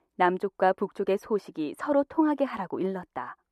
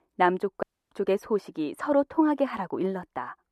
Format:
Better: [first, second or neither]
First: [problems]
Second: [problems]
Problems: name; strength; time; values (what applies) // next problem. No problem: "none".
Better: first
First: none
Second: audio cutting out; at 0.5 s